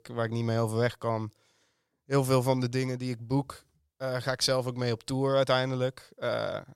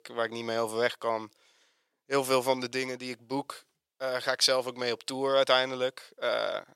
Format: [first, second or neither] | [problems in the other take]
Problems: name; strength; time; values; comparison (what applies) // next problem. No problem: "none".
first | thin; somewhat; fading below 350 Hz